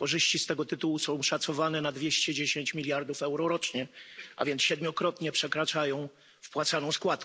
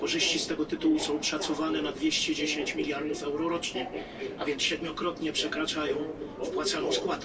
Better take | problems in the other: first | background sound (Subway, metro, underground); 6 dB below the speech // room echo; dies away in 0.1 s

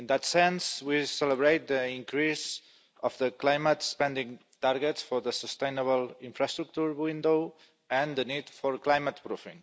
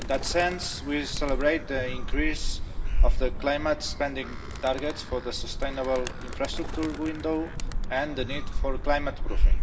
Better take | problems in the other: first | background sound (Animal); 3 dB above the speech // room echo; dies away in 1.5 s

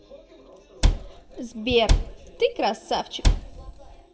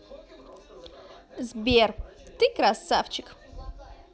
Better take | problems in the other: second | background sound (Cupboard open or close); 4 dB above the speech // room echo; dies away in 0.4 s

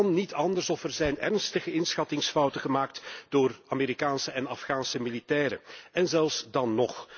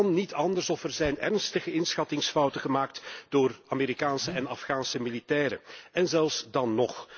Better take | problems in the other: first | background sound (Liquid); 14 dB below the speech

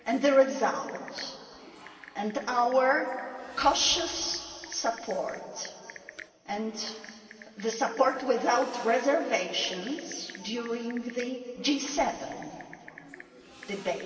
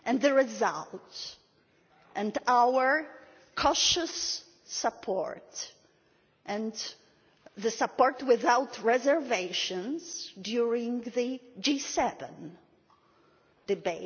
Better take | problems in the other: second | background sound (Typing); 19 dB below the speech // room echo; dies away in 2.8 s

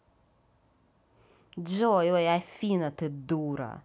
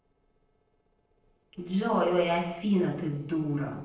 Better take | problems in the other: first | noise reduction (neural separator model SepFormer DNS4)

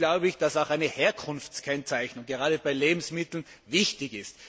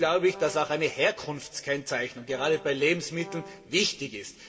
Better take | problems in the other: first | background sound (Brass instrument); 17 dB below the speech // room echo; dies away in 1.7 s

